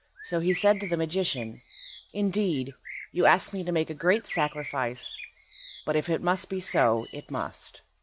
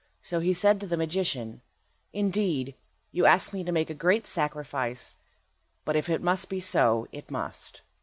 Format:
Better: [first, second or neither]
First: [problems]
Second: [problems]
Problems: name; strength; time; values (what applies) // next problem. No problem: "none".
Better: second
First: background sound (Bird); 15 dB below the speech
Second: none